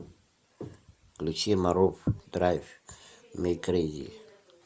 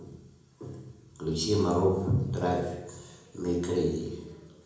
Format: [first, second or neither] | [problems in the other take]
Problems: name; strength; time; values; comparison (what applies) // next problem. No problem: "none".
first | room echo; dies away in 0.8 s